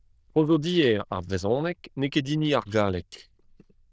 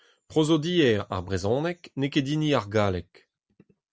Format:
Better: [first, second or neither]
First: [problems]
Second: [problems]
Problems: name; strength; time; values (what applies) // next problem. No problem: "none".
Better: second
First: noise reduction (neural diffusion model UNIVERSE++)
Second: none